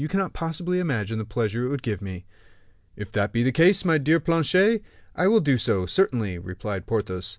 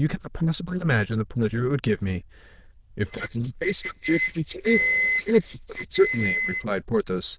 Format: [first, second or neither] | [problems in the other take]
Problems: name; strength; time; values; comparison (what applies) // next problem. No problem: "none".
first | noise reduction (neural diffusion model UNIVERSE++)